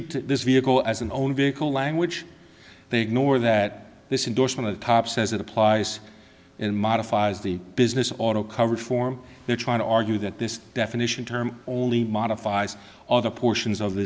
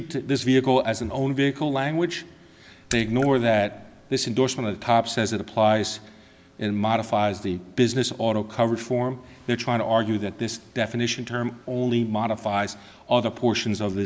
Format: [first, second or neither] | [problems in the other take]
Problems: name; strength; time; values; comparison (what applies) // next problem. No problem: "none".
first | background sound (Raindrop / Splash, splatter); 16 dB below the speech